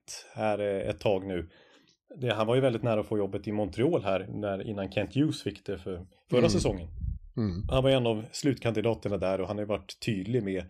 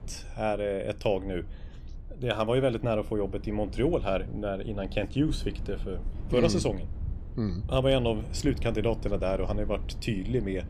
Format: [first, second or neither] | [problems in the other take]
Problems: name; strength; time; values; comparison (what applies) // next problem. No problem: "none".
first | low rumble; faint; throughout; 20 dB below the speech